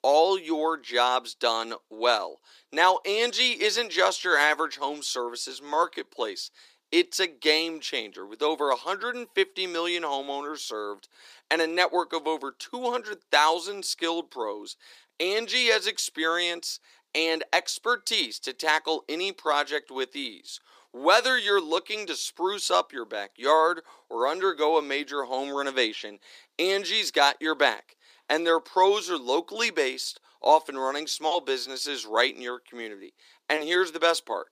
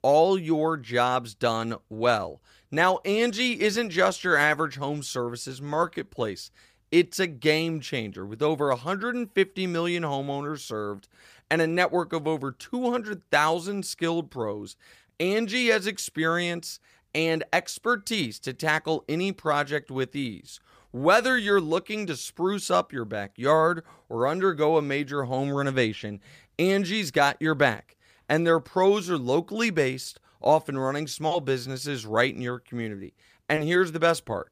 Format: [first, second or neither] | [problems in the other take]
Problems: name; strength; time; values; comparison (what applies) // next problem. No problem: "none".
second | thin; somewhat; fading below 300 Hz